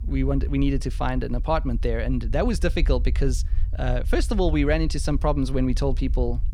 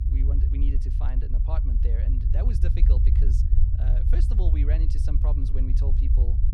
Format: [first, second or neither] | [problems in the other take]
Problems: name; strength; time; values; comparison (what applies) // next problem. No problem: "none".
first | low rumble; loud; throughout; as loud as the speech; faint in the first